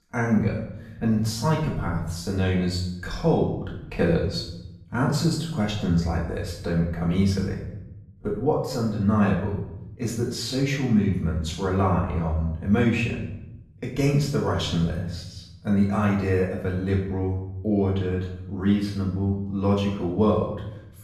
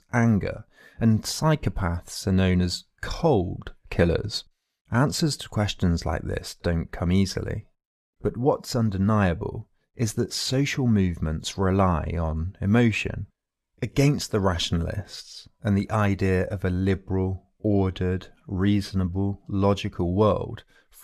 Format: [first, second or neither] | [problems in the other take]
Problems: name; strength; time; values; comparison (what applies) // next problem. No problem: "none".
second | off-mic speech; far // room echo; noticeable; dies away in 0.8 s